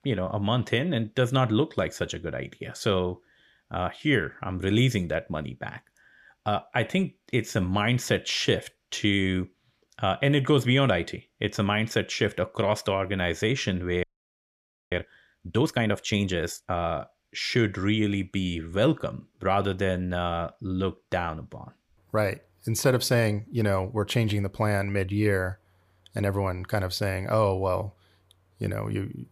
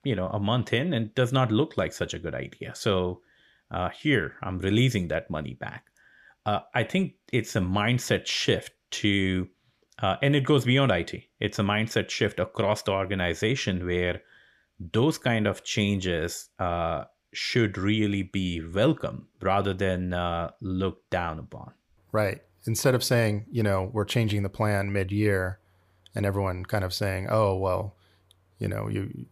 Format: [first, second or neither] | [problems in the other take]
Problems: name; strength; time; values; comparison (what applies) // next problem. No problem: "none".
second | audio freezing; at 14 s for 1 s